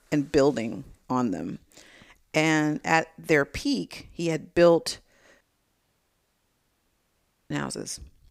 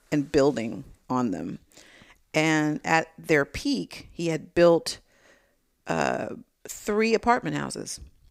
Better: second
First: audio cutting out; at 5.5 s for 2 s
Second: none

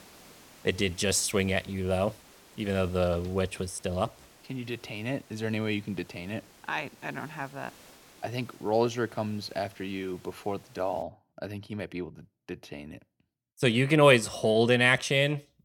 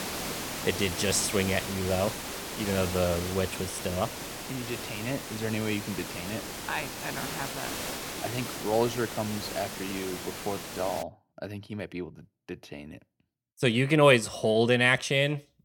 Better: first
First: hiss; faint; until 11 s; 25 dB below the speech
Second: hiss; loud; until 11 s; 7 dB below the speech

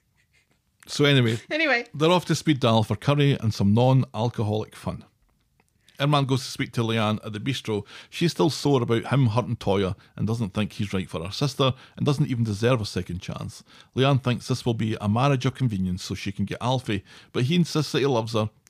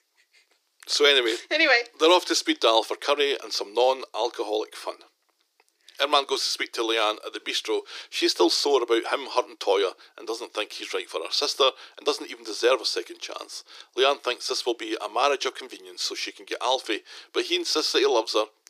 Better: first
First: none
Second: thin; very; fading below 350 Hz

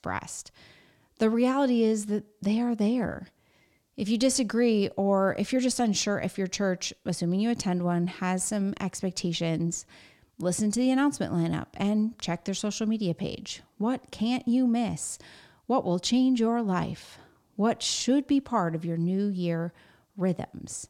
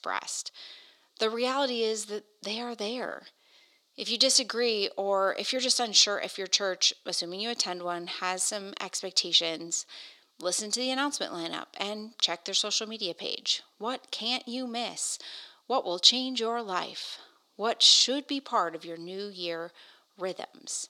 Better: first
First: none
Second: thin; somewhat; fading below 400 Hz

